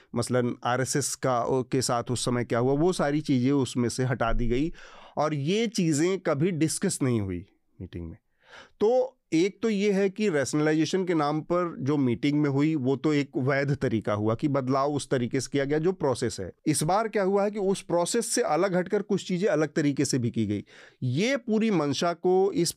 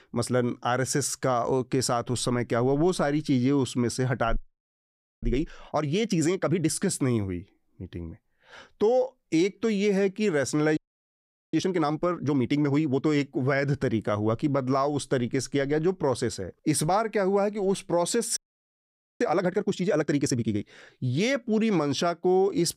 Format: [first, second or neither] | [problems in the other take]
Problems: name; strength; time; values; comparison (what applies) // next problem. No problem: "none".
first | audio freezing; at 4.5 s for 1 s, at 11 s for 1 s and at 18 s for 1 s